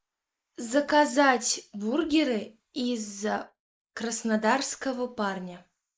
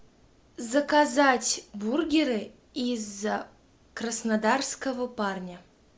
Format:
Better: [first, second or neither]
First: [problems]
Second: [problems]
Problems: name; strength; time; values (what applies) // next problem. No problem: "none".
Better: second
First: noise reduction (neural mask model Resemble Enhance denoiser)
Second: none